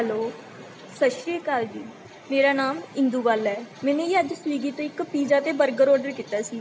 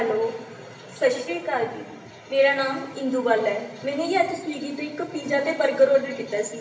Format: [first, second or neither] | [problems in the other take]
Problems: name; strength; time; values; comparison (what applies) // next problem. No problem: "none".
first | room echo; dies away in 0.9 s